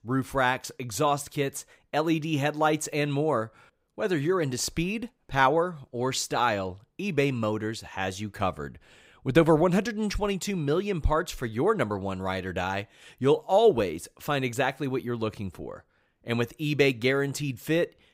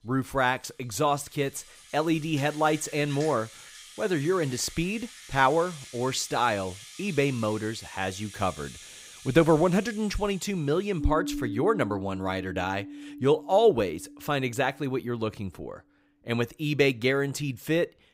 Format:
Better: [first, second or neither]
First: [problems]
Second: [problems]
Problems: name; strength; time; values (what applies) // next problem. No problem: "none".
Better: first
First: none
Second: background music; noticeable; throughout; 15 dB below the speech